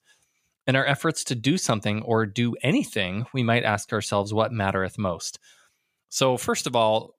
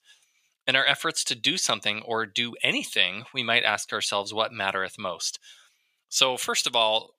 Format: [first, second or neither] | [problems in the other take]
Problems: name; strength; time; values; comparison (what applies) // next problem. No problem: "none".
first | thin; somewhat; fading below 900 Hz